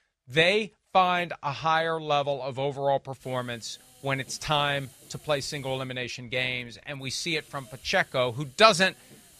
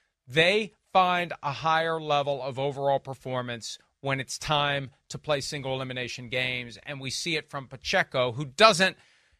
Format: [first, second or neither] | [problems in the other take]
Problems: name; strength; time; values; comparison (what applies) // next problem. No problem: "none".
second | hiss; faint; from 3 s on; 25 dB below the speech